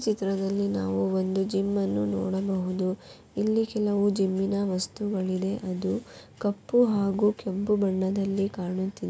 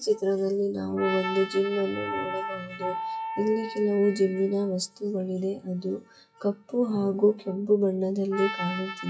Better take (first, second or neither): first